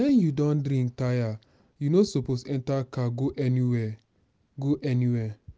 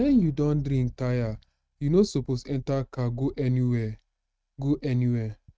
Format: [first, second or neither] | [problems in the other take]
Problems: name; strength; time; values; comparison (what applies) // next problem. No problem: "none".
first | noise reduction (neural mask model RNNoise)